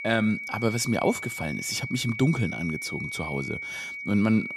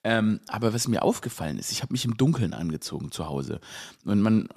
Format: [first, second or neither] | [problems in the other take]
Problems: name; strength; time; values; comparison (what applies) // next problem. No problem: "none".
second | high-pitched whine; loud; throughout; 2.5 kHz, 6 dB below the speech